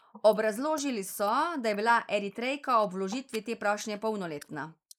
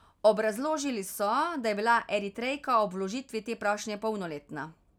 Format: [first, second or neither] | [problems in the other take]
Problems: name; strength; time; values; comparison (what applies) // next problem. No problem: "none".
second | noise reduction (neural mask model Resemble Enhance denoiser)